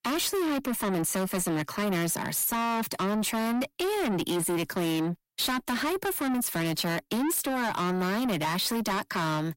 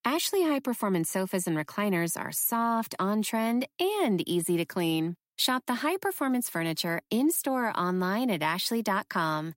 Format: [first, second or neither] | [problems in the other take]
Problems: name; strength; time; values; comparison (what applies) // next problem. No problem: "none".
second | distortion; heavy; 7 dB below the speech